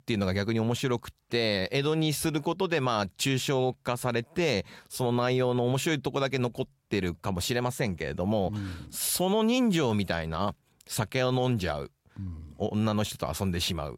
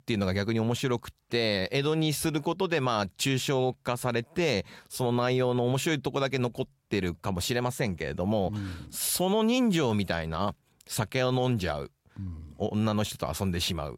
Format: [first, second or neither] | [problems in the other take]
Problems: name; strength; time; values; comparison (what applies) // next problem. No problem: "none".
neither | none